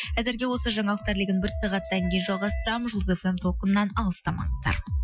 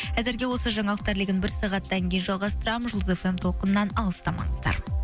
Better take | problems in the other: second | noise reduction (classical method Wiener filter)

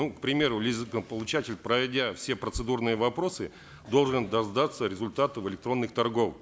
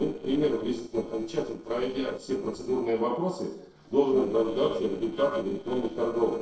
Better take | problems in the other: first | noise reduction (neural separator model SepFormer DNS4)

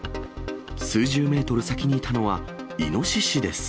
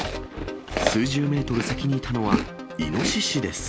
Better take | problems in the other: first | background sound (Chewing, mastication); 4 dB below the speech

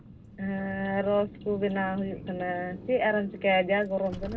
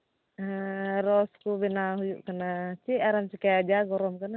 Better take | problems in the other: second | background sound (Car); 14 dB below the speech // room echo; dies away in 0.2 s

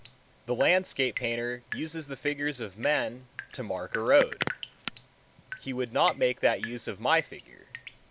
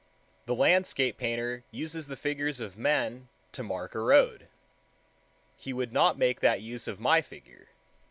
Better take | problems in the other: second | background sound (Drip); 12 dB below the speech

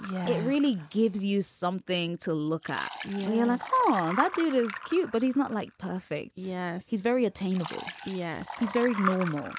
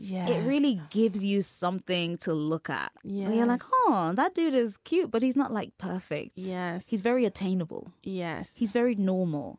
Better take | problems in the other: second | background sound (Liquid); 12 dB below the speech

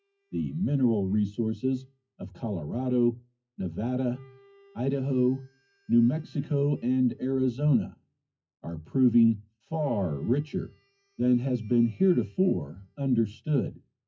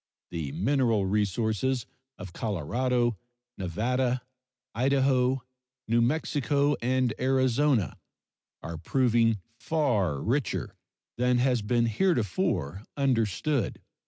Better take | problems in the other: second | noise reduction (classical method WPE with log-MMSE)

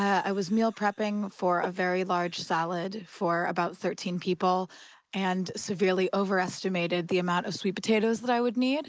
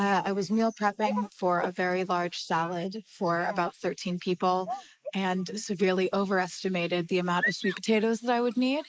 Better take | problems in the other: first | noise reduction (neural mask model Resemble Enhance denoiser)

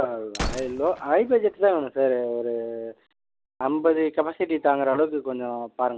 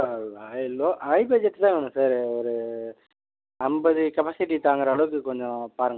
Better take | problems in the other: second | background sound (Gunshot, gunfire); 13 dB below the speech

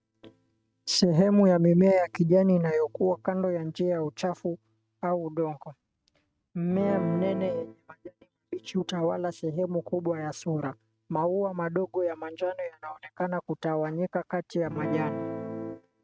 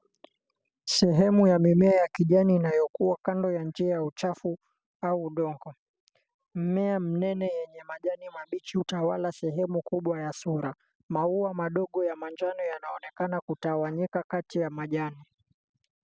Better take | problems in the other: second | noise reduction (neural mask model RNNoise)

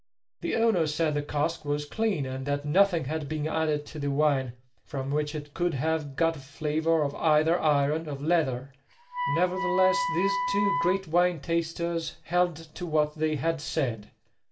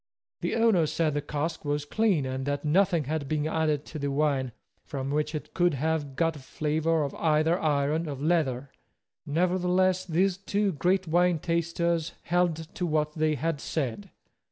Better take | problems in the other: second | background sound (Wind instrument, woodwind instrument); 5 dB below the speech // room echo; dies away in 0.2 s

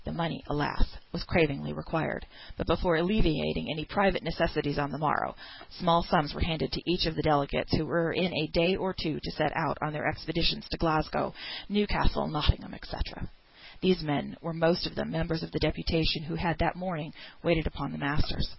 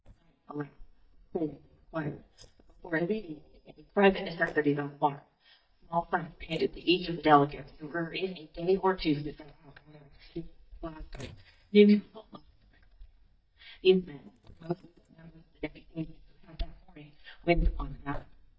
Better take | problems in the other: first | noise reduction (neural mask model DeepFilterNet 3)

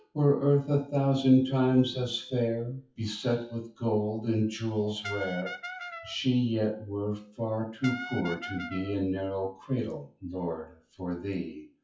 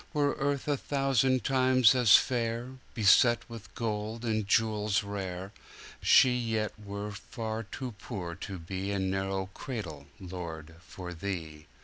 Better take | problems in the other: second | noise reduction (classical method WPE with log-MMSE)

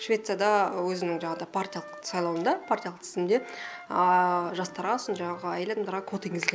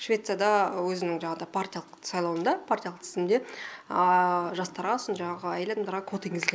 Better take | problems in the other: second | background sound (Wind instrument, woodwind instrument); 18 dB below the speech

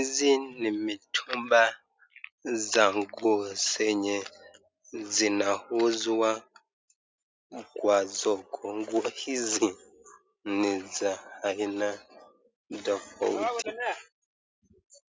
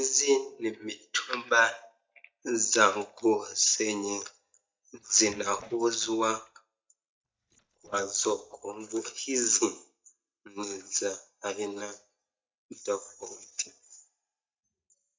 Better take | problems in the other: first | noise reduction (neural mask model DeepFilterNet 3)

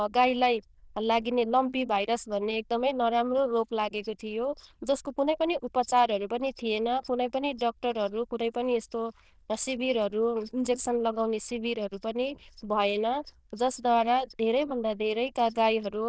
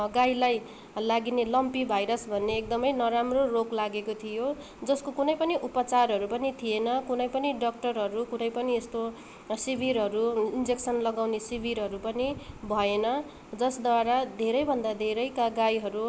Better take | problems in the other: second | noise reduction (neural diffusion model UNIVERSE++)

